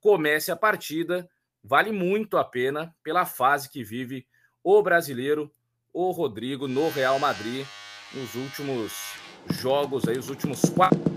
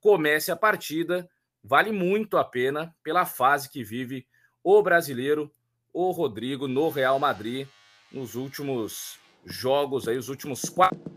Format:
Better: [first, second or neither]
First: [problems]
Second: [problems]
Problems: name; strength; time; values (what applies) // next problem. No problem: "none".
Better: second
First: household noises; loud; from 7 s on; 7 dB below the speech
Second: household noises; faint; from 7 s on; 20 dB below the speech